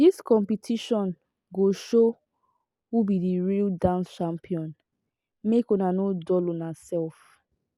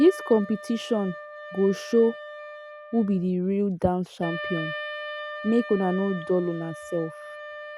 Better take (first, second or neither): first